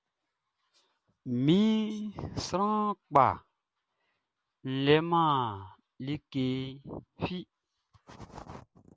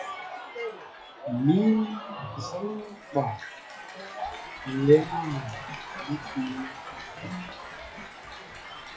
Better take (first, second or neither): first